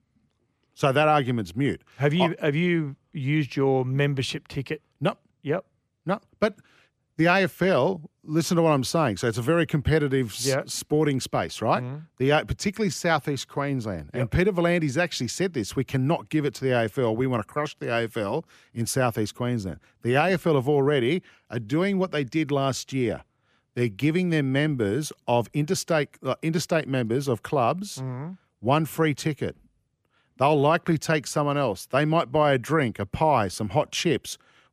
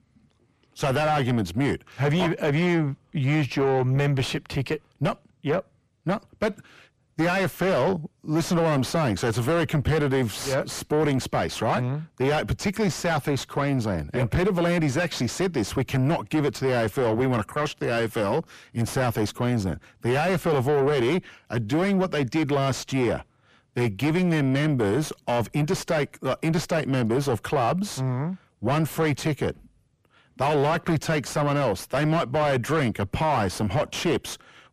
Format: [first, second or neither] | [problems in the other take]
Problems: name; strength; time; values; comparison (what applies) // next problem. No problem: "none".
first | distortion; heavy; 6 dB below the speech